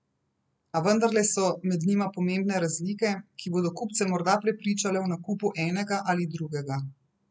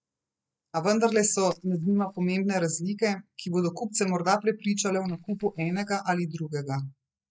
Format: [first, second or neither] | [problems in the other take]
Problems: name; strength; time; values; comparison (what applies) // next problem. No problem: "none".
first | noise reduction (neural mask model DeepFilterNet 3)